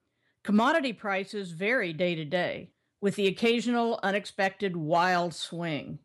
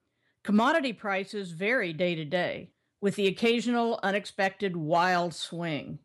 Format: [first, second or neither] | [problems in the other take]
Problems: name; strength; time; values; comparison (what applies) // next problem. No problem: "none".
neither | none